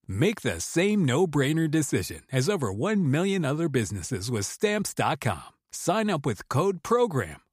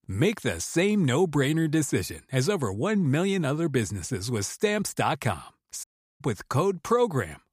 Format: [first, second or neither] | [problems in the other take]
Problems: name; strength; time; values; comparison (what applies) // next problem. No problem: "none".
first | audio cutting out; at 6 s